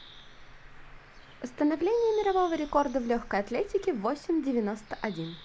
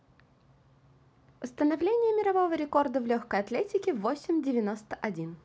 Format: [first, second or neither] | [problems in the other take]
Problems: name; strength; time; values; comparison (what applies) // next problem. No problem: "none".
second | background sound (Bird); 18 dB below the speech